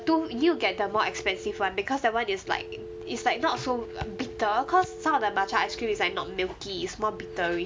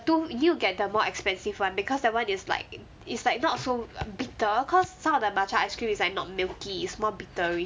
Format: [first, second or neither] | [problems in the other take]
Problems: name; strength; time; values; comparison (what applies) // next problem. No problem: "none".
second | background sound (Telephone); 13 dB below the speech